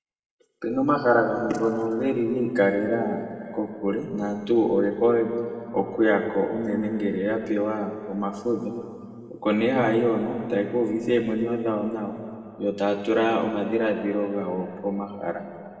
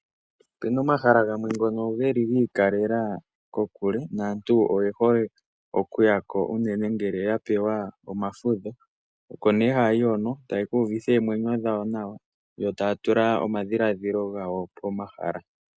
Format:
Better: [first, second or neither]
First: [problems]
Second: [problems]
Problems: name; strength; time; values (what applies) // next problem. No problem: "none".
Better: second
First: room echo; dies away in 2.4 s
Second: none